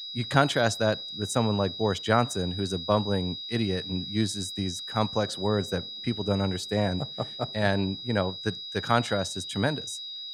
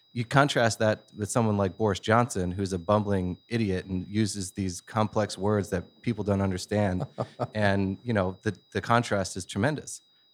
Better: second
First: high-pitched whine; loud; throughout; 4 kHz, 7 dB below the speech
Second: high-pitched whine; faint; throughout; 4 kHz, 35 dB below the speech

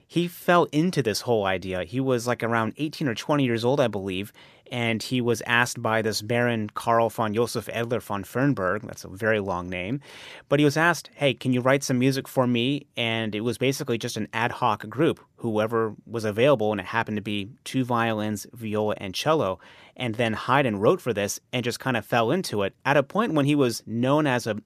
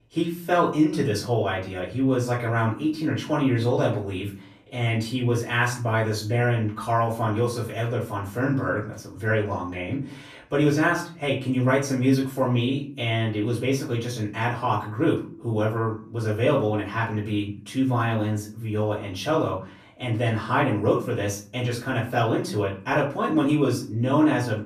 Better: first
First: none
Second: off-mic speech; far // room echo; slight; dies away in 0.4 s

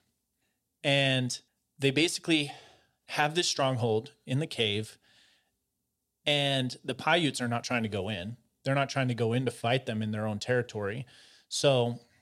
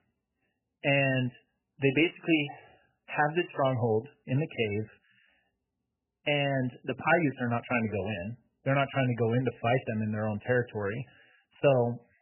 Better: first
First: none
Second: garbled, watery; badly; nothing above 3 kHz

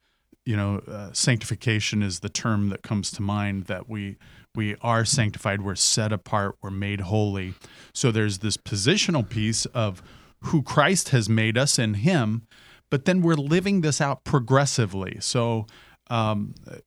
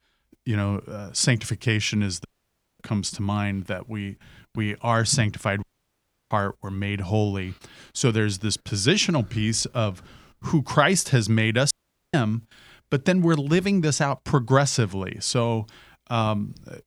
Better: first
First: none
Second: audio cutting out; at 2.5 s for 0.5 s, at 5.5 s for 0.5 s and at 12 s

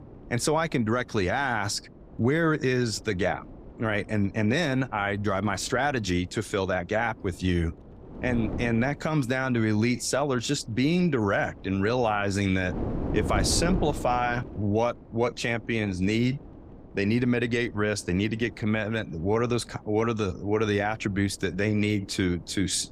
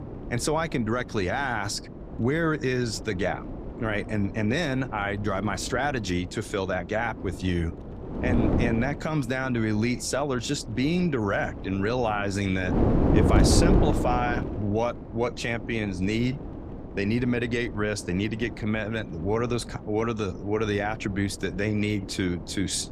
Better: first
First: wind noise on the microphone; occasional gusts; 15 dB below the speech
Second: wind noise on the microphone; heavy; 8 dB below the speech

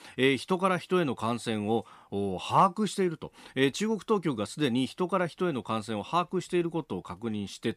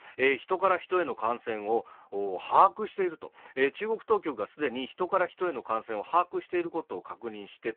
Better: first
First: none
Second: phone-call audio; poor line

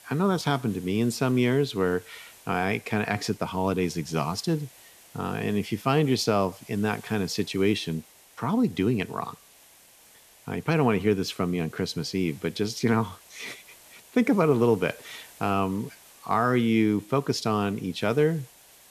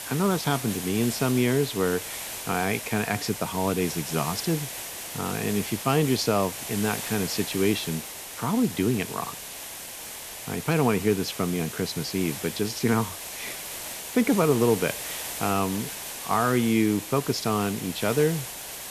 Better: first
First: hiss; faint; throughout; 25 dB below the speech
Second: hiss; loud; throughout; 8 dB below the speech

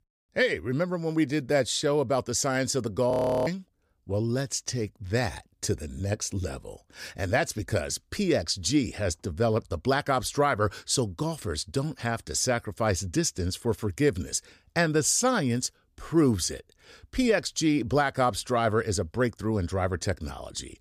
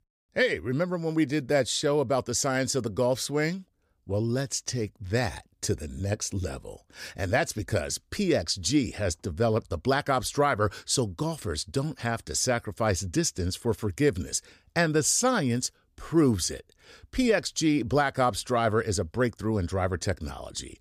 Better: second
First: audio freezing; at 3 s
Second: none

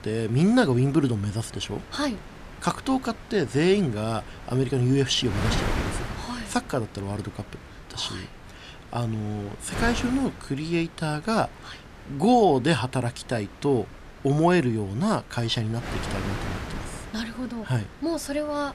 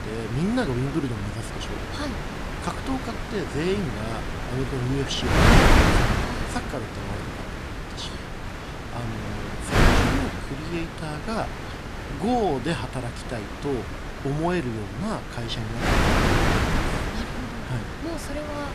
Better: first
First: wind noise on the microphone; occasional gusts; 10 dB below the speech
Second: wind noise on the microphone; heavy; 4 dB above the speech

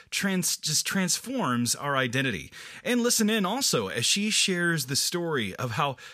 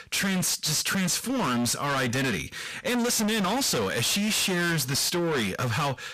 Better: first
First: none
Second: distortion; heavy; 42% of the sound clipped

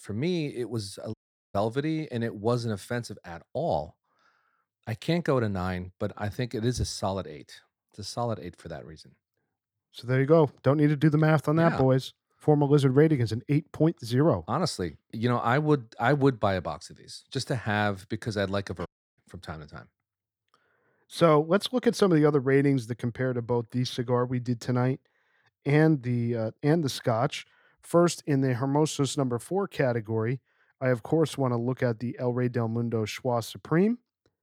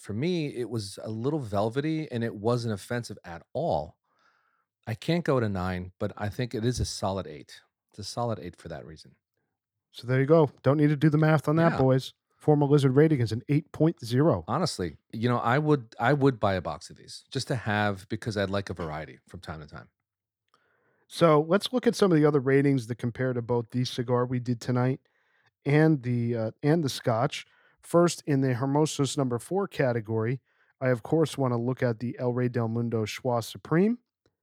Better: second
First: audio cutting out; at 1 s and at 19 s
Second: none

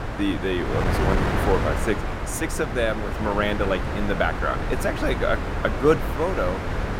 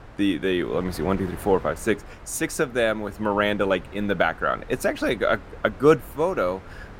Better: second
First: wind noise on the microphone; heavy; 4 dB below the speech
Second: wind noise on the microphone; occasional gusts; 20 dB below the speech

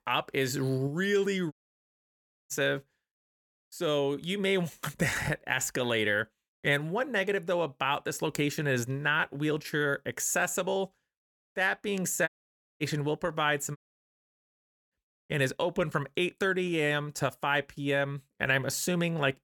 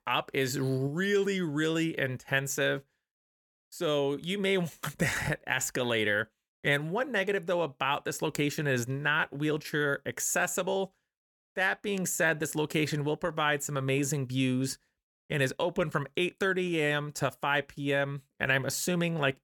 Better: second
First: audio cutting out; at 1.5 s for 1 s, at 12 s for 0.5 s and at 14 s for 1 s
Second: none

